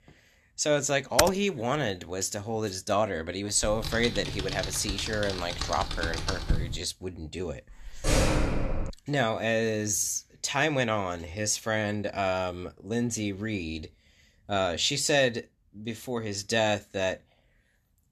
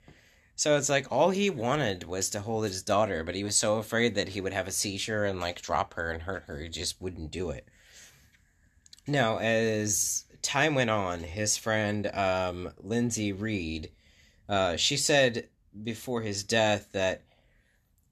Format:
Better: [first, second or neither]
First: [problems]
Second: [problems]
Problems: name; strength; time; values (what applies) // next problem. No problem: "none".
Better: second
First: keyboard typing; loud; at 1 s; peak 2 dB above the speech // keyboard typing; noticeable; from 3.5 to 7 s; peak 2 dB below the speech // door banging; loud; from 8 to 9 s; peak 4 dB above the speech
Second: none